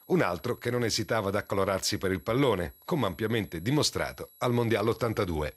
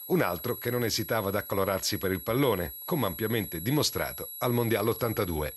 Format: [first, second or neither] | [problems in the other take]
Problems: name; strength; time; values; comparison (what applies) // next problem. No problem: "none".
first | high-pitched whine; loud; throughout; 11.5 kHz, 9 dB below the speech; faint in the first